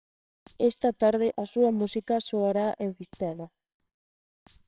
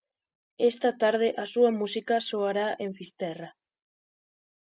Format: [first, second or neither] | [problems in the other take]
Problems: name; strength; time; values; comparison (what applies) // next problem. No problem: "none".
second | noise reduction (neural separator model SepFormer WHAMR!)